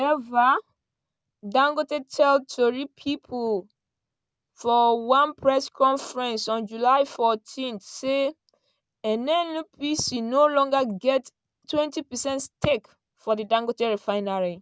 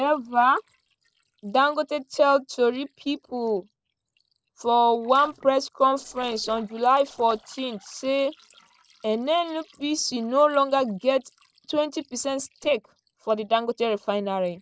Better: first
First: none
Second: noise reduction (neural separator model SepFormer DNS4)

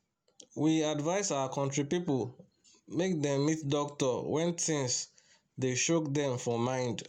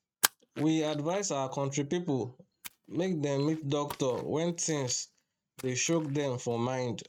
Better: first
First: none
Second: noise reduction (neural mask model RNNoise)

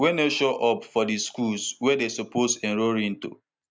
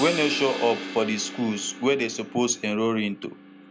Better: first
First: none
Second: background sound (Crash cymbal); 11 dB below the speech

